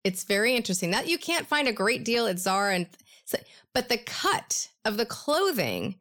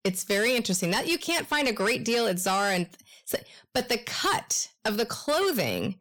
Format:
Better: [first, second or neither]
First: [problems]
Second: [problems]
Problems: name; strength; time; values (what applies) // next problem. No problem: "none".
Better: first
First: none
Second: distortion; slight; 10 dB below the speech